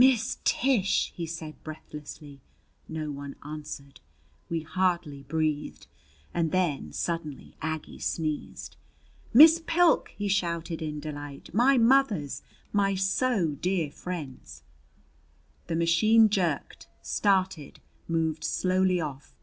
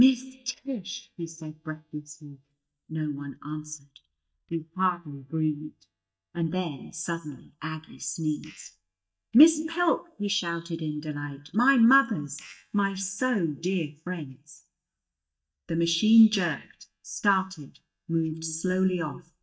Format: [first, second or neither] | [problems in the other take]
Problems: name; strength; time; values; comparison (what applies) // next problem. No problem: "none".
first | noise reduction (neural mask model DeepFilterNet 3)